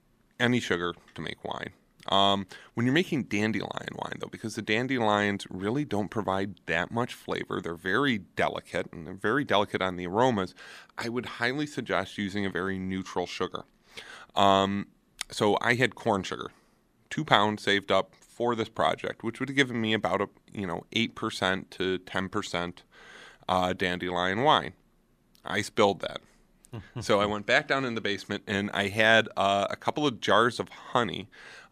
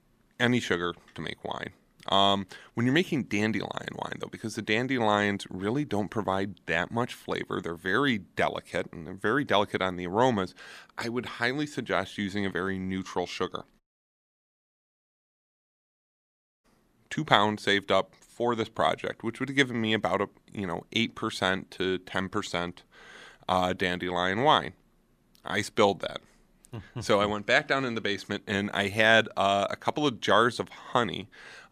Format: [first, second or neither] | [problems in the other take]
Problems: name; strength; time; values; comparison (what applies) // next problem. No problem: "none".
first | audio cutting out; at 14 s for 3 s